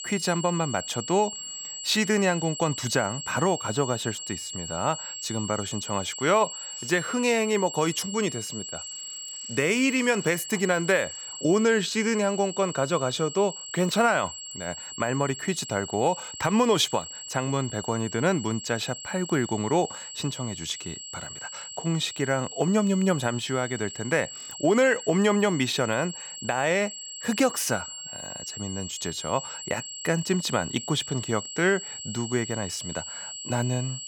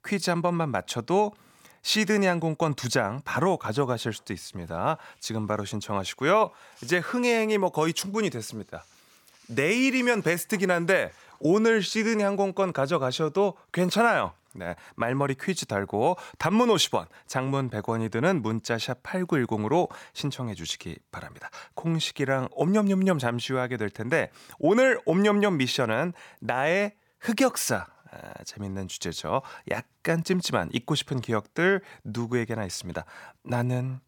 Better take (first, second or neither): second